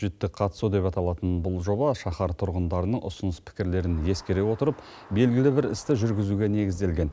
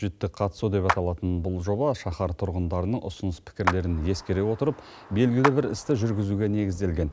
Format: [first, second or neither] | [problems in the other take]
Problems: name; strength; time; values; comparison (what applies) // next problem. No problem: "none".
first | background sound (Clapping); 8 dB below the speech